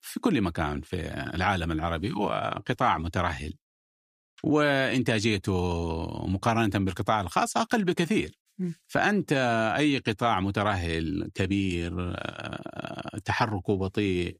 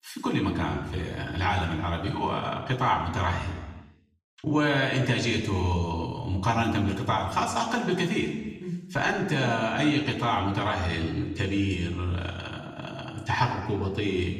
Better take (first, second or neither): first